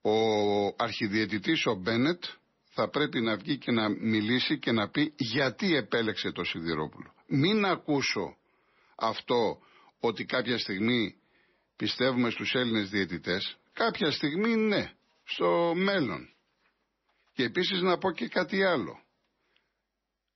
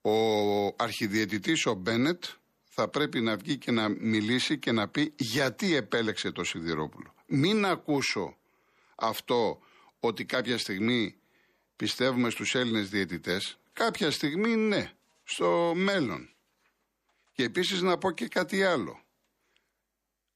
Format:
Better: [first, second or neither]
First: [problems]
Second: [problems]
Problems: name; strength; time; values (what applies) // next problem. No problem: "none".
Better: second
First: garbled, watery; slightly; nothing above 6 kHz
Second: none